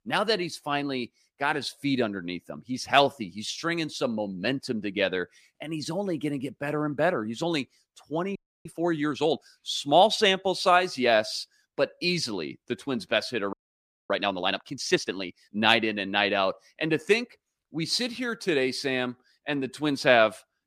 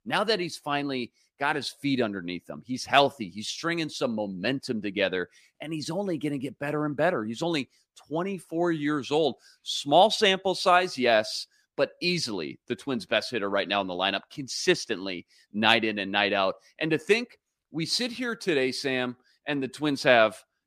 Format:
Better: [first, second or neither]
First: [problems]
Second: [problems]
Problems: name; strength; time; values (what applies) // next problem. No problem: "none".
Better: second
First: audio freezing; at 8.5 s and at 14 s for 0.5 s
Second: none